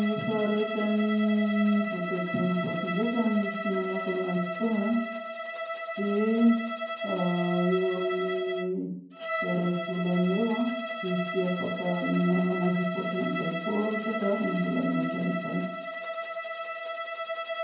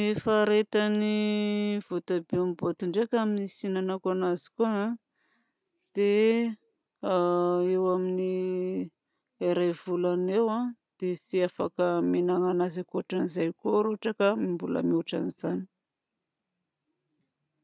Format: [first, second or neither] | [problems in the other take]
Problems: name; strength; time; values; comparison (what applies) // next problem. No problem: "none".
second | background sound (Bowed string instrument); 6 dB below the speech // room echo; dies away in 0.9 s